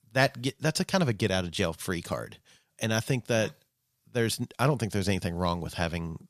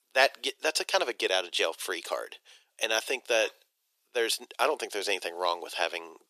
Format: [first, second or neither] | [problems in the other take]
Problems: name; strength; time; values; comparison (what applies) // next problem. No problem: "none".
first | thin; very; fading below 350 Hz